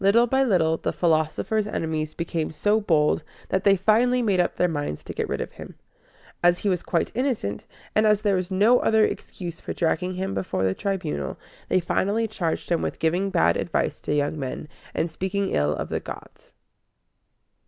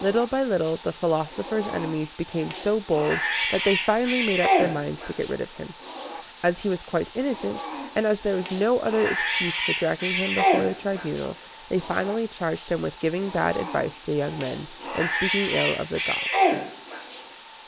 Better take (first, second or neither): first